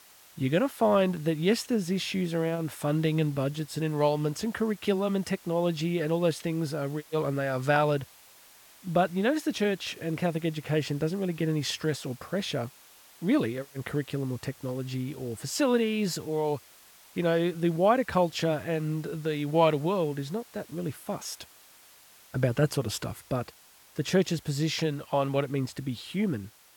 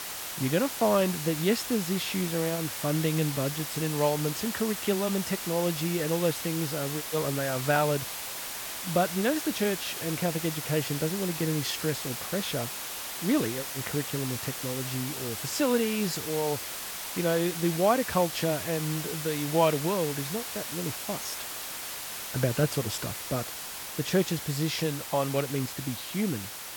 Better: first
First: hiss; faint; throughout; 25 dB below the speech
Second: hiss; loud; throughout; 5 dB below the speech

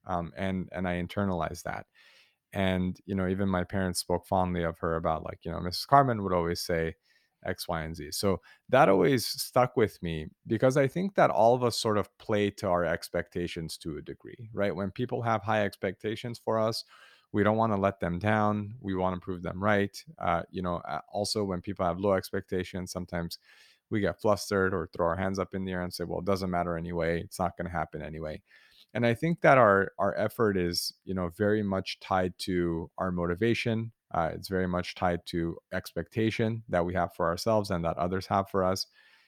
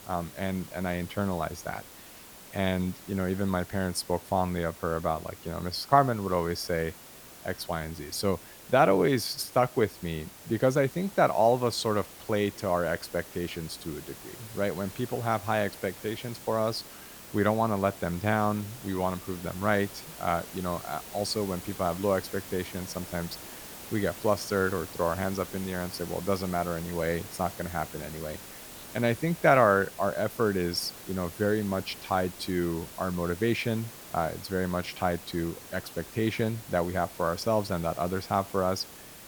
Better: first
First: none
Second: hiss; noticeable; throughout; 15 dB below the speech

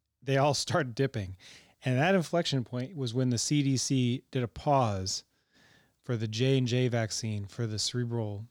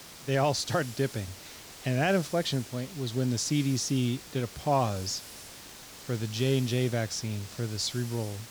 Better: first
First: none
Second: hiss; noticeable; throughout; 15 dB below the speech

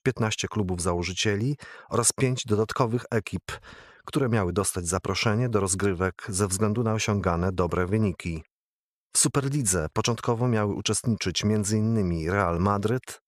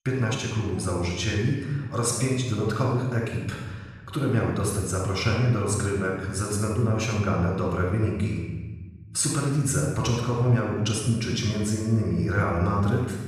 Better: first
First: none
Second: off-mic speech; far // room echo; noticeable; dies away in 1.3 s

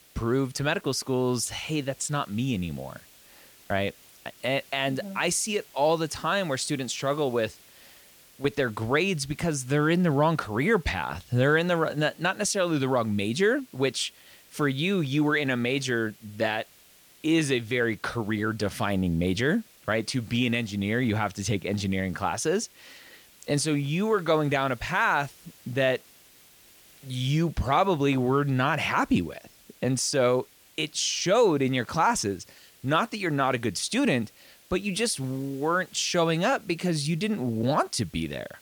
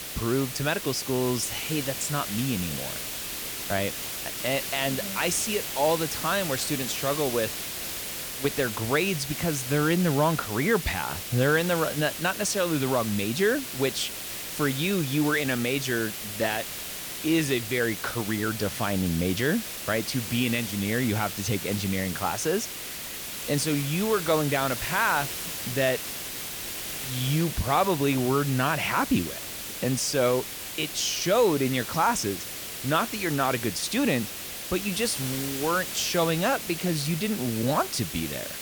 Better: first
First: hiss; faint; throughout; 25 dB below the speech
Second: hiss; loud; throughout; 5 dB below the speech

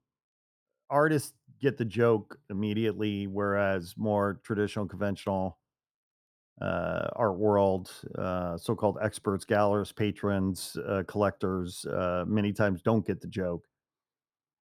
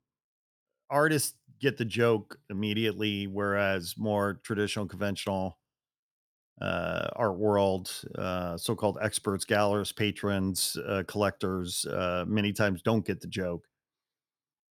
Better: second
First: muffled; slightly; fading above 1.5 kHz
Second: none

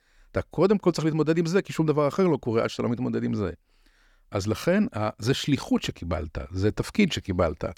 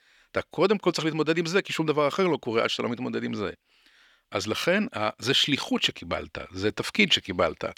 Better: first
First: none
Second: thin; very slightly; fading below 600 Hz

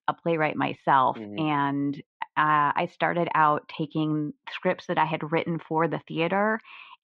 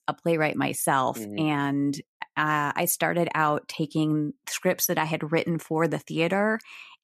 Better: second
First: muffled; very; fading above 3.5 kHz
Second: none

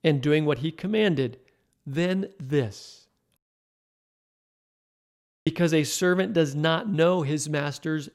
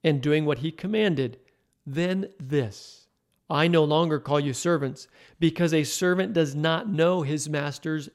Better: second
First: audio cutting out; at 3.5 s for 2 s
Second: none

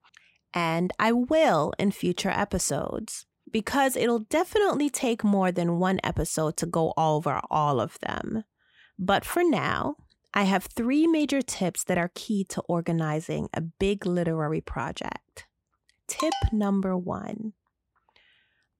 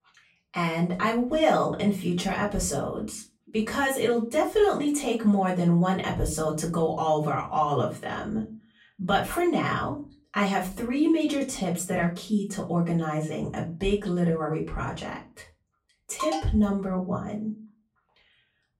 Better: first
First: none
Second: off-mic speech; far // room echo; very slight; dies away in 0.3 s

